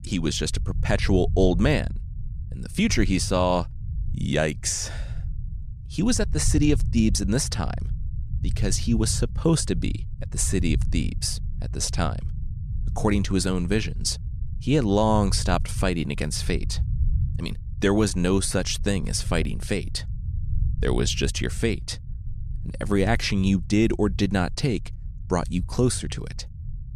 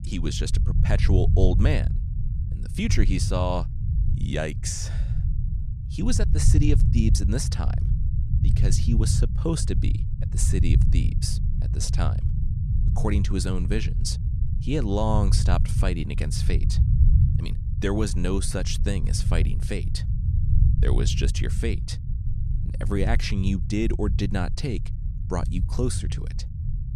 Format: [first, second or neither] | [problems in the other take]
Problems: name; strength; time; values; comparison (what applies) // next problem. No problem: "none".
first | low rumble; loud; throughout; 9 dB below the speech; faint in the first